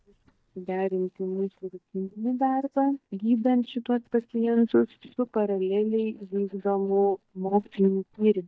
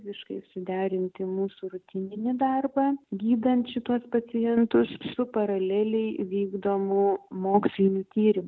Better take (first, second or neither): second